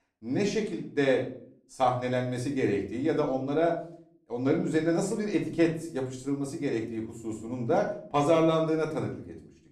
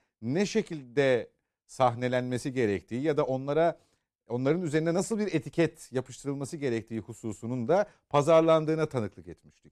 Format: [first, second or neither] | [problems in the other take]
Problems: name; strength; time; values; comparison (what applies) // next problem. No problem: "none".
second | room echo; slight; dies away in 0.4 s // off-mic speech; somewhat distant